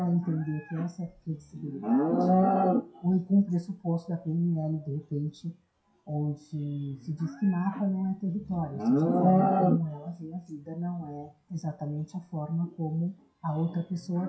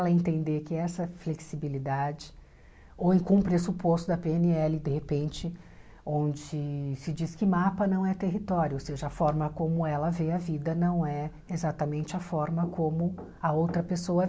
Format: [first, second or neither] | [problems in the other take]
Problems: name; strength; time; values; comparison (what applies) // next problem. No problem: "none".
second | noise reduction (classical method WPE with log-MMSE)